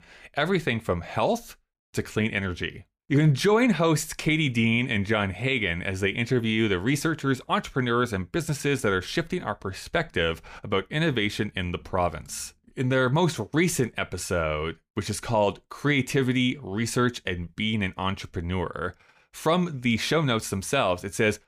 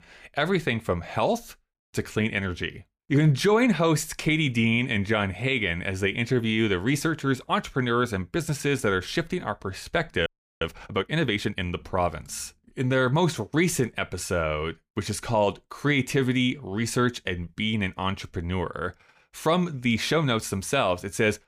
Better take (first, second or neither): first